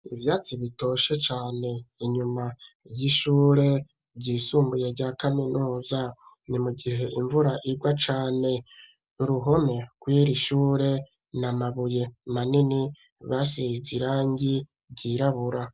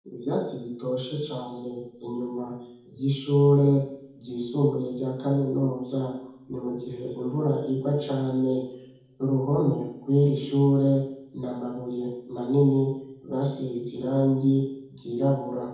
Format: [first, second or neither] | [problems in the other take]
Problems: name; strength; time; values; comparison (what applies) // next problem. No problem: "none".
first | room echo; dies away in 1.2 s